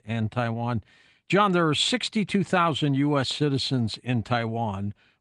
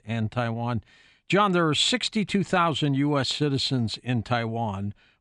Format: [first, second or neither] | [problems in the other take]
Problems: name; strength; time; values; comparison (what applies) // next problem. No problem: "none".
second | garbled, watery; slightly